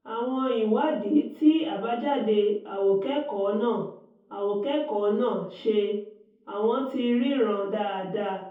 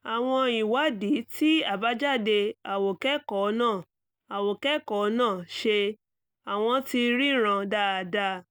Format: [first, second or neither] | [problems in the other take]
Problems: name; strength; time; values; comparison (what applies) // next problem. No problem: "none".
second | room echo; dies away in 0.6 s